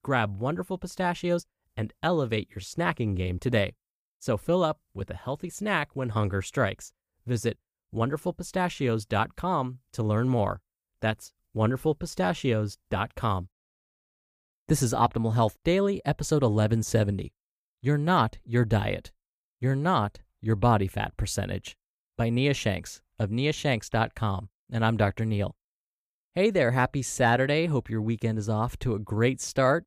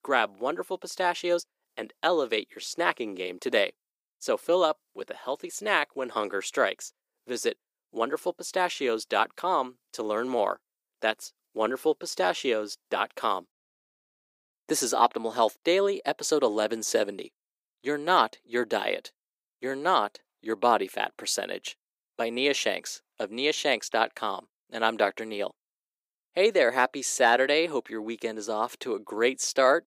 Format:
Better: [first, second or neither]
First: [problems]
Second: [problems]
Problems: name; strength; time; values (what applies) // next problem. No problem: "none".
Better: first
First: none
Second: thin; very; fading below 300 Hz